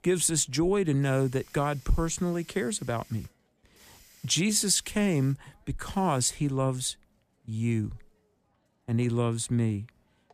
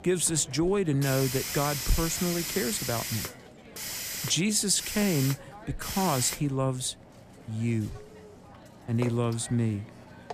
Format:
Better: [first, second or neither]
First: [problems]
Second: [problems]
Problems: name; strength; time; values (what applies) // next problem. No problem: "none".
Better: first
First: hiss; faint; throughout; 25 dB below the speech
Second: hiss; loud; throughout; 5 dB below the speech